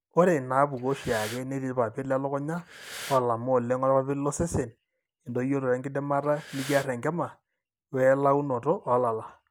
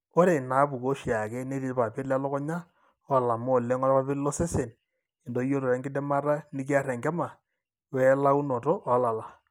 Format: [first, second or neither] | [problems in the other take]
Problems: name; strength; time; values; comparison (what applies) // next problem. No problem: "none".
second | background sound (Breathing); 15 dB below the speech